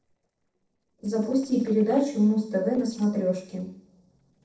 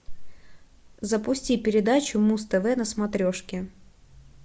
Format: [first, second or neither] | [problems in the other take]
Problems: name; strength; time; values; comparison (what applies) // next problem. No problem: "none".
second | noise reduction (neural separator model SepFormer DNS4)